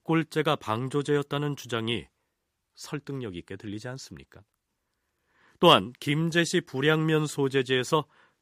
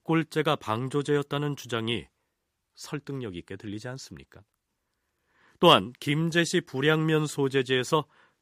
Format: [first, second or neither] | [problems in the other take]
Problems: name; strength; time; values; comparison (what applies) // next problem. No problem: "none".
neither | none